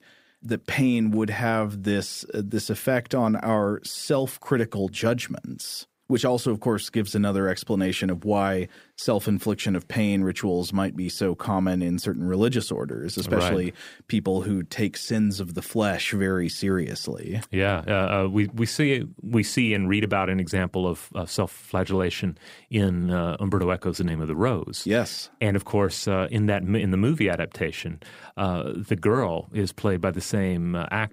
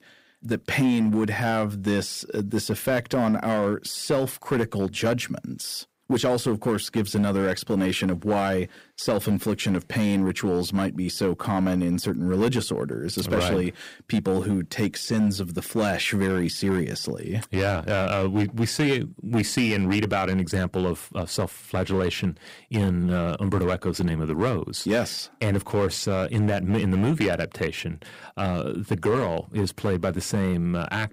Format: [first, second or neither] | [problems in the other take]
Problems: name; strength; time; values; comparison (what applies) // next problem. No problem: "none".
first | distortion; slight; 5% of the sound clipped